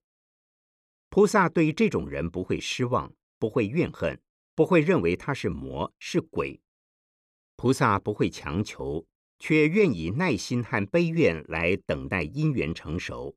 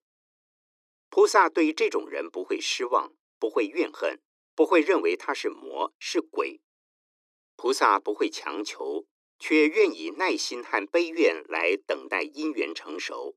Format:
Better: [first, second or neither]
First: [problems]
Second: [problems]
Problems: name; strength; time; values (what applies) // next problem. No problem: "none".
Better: first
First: none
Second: thin; somewhat; fading below 300 Hz